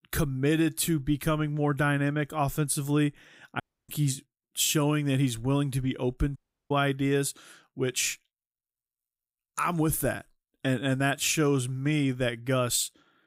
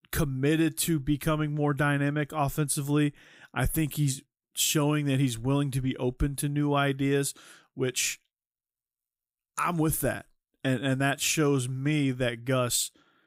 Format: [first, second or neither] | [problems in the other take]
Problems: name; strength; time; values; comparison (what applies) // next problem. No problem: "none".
second | audio cutting out; at 3.5 s and at 6.5 s